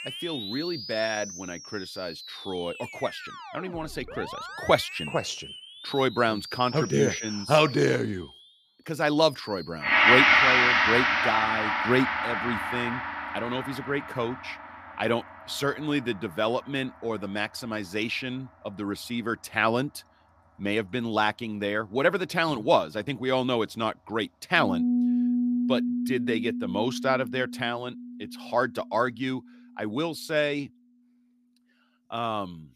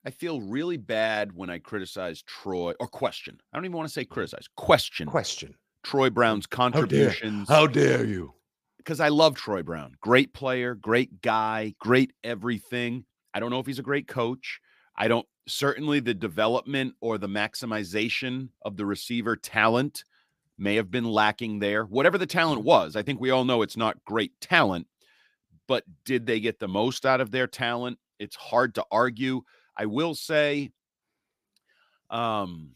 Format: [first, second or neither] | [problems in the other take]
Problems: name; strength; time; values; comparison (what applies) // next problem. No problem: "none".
second | background music; very loud; throughout; 2 dB above the speech